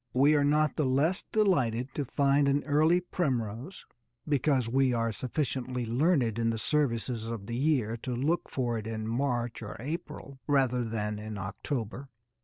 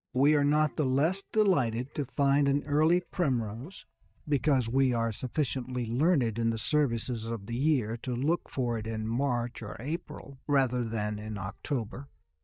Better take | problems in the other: first | noise reduction (neural mask model DeepFilterNet 3)

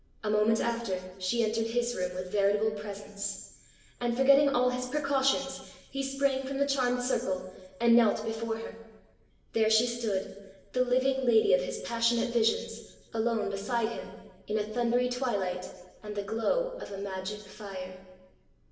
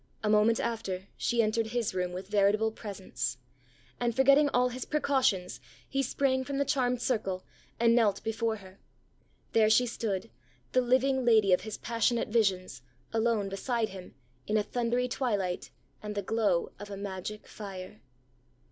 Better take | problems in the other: second | room echo; dies away in 1 s

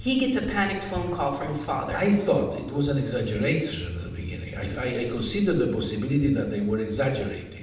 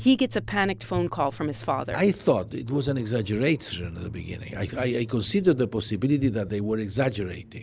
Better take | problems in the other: second | room echo; dies away in 0.8 s

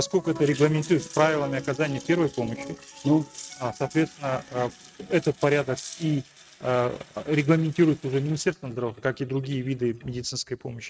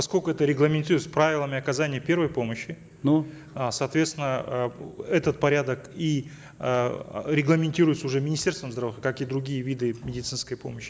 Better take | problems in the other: second | noise reduction (neural mask model RNNoise)

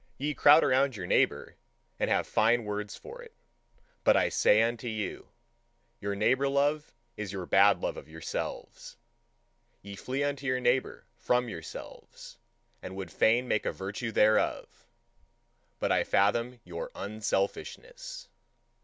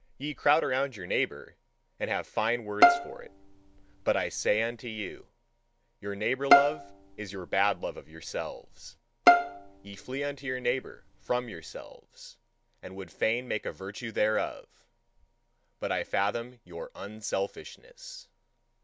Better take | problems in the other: first | background sound (Bowed string instrument); 3 dB above the speech

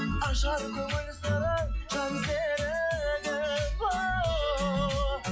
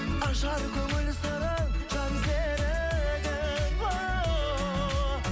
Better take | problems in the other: second | noise reduction (classical method log-MMSE)

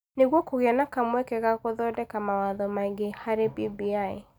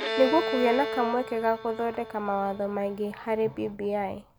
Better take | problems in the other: first | background sound (Bowed string instrument); 7 dB below the speech

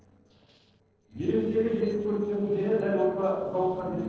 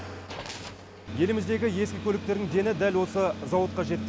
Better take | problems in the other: second | noise reduction (neural separator model SepFormer DNS4)

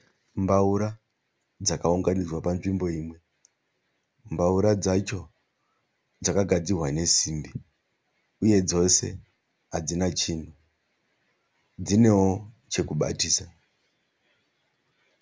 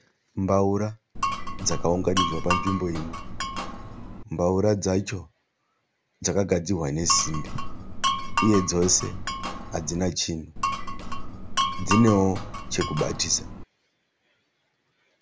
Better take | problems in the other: first | background sound (Glass); 2 dB below the speech

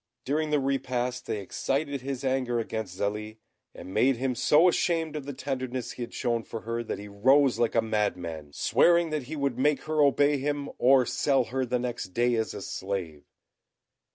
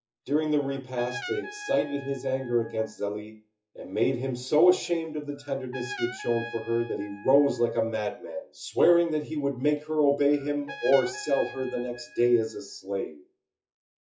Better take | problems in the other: first | noise reduction (classical method WPE with log-MMSE)

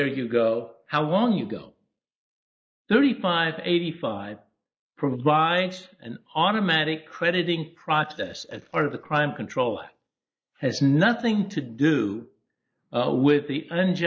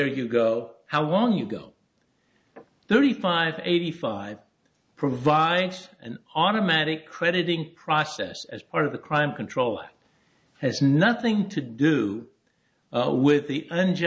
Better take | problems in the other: second | noise reduction (neural mask model Resemble Enhance denoiser)

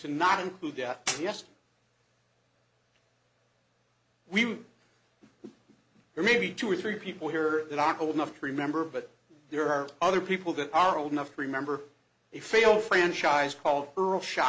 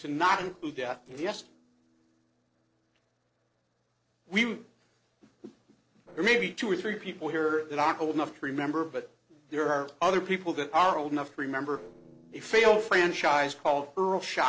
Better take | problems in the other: first | noise reduction (neural separator model SepFormer DNS4)

